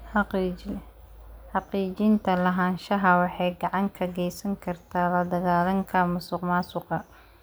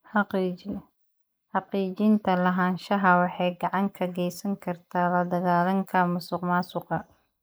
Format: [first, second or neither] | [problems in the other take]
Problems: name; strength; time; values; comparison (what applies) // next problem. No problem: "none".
first | noise reduction (neural mask model Resemble Enhance denoiser)